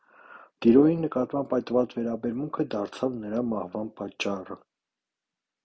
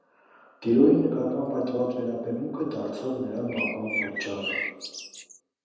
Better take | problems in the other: first | background sound (Bird); 6 dB below the speech // room echo; dies away in 1.1 s

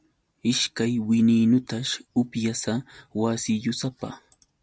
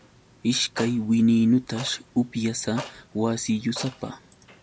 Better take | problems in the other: first | background sound (Clock); 18 dB below the speech

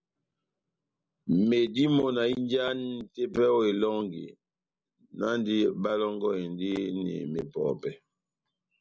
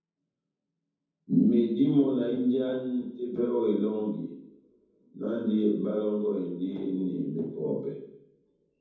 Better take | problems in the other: first | room echo; dies away in 0.9 s

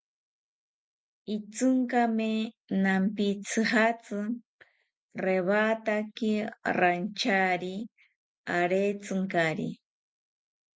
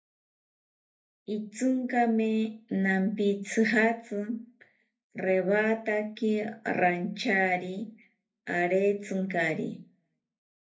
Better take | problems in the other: first | room echo; dies away in 0.3 s

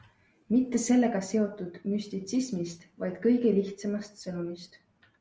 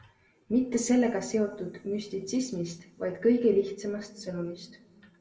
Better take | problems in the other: first | room echo; dies away in 1.2 s

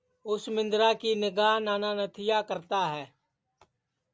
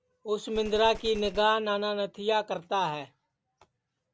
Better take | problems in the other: first | background sound (Gunshot, gunfire); 16 dB below the speech

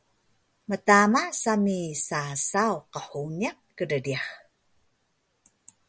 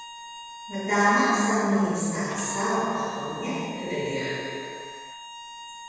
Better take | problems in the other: first | background sound (Bowed string instrument); 13 dB below the speech // room echo; dies away in 2.1 s

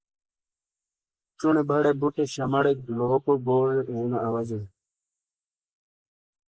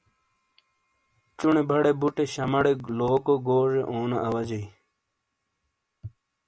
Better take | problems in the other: second | noise reduction (neural mask model Resemble Enhance denoiser)

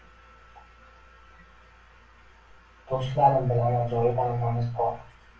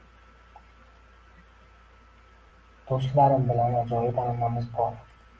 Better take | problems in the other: second | room echo; dies away in 0.2 s

